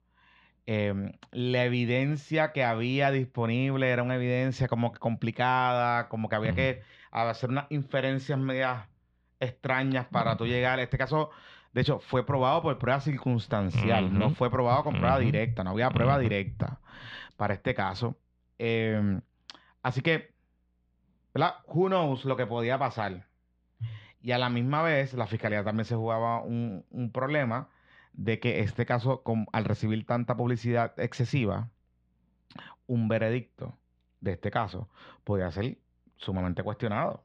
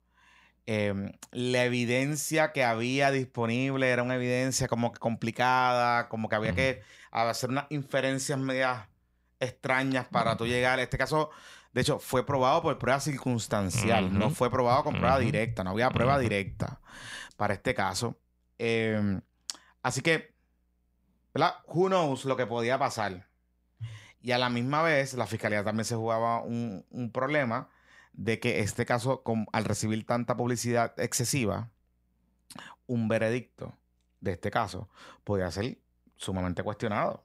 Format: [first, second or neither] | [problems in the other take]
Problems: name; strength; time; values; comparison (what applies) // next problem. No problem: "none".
second | muffled; slightly; fading above 3.5 kHz